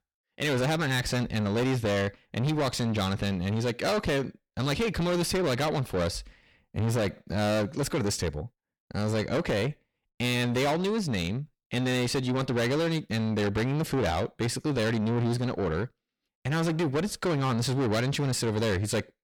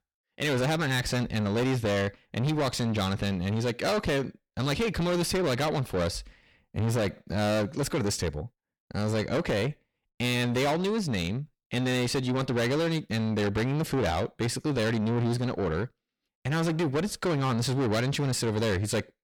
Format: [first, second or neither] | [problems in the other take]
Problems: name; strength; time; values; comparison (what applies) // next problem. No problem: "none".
neither | distortion; heavy; 6 dB below the speech; the same in both